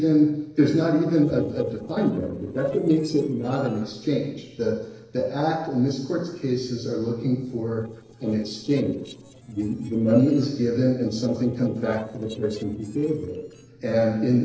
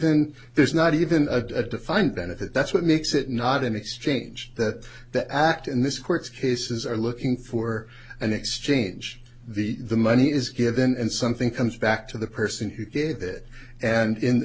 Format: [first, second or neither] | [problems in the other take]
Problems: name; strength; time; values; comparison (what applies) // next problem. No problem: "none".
second | noise reduction (neural separator model SepFormer DNS4)